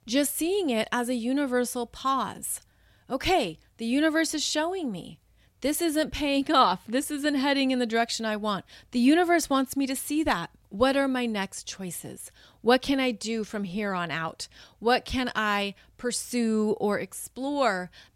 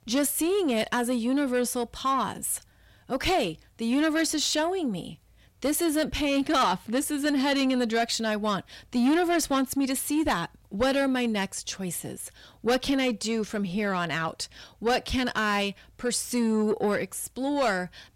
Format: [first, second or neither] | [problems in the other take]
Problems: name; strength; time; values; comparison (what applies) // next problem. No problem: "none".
first | distortion; slight; 10 dB below the speech